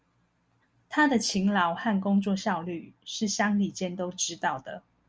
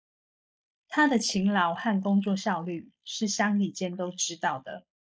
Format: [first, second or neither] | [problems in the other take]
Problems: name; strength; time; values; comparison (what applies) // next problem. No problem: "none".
first | noise reduction (neural mask model Resemble Enhance denoiser)